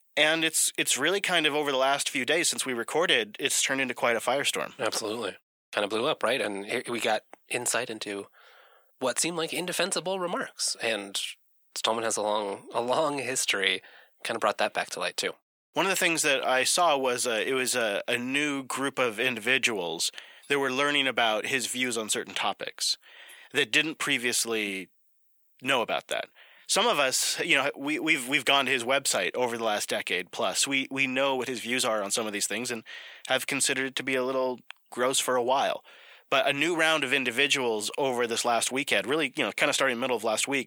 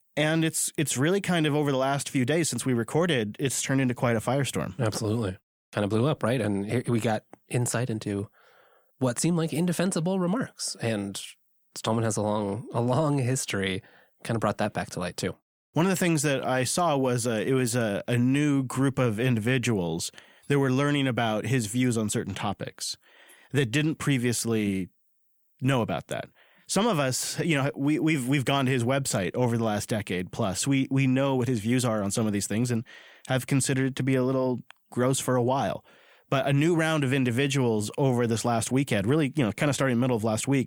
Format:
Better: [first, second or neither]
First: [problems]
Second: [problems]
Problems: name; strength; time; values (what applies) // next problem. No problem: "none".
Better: second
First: thin; somewhat; fading below 500 Hz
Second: none